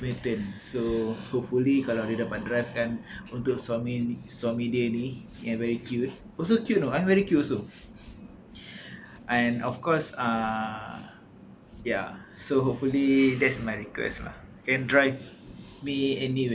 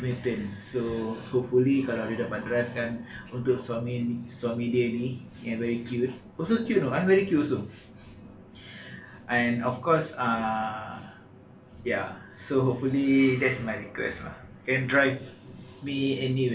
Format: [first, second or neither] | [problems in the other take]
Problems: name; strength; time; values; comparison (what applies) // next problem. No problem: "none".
first | room echo; dies away in 0.3 s